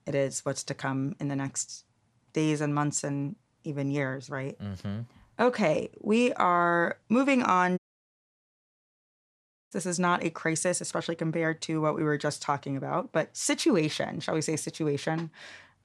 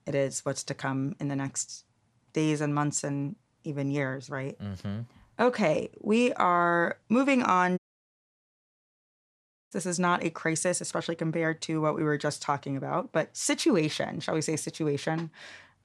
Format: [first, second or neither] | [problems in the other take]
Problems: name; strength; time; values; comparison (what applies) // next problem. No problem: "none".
neither | audio cutting out; at 8 s for 2 s; the same in both